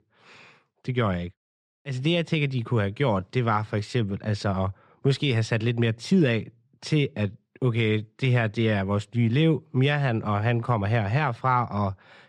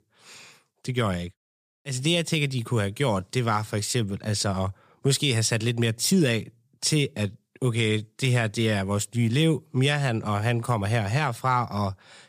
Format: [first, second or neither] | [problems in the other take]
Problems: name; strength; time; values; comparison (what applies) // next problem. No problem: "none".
second | muffled; slightly; fading above 2.5 kHz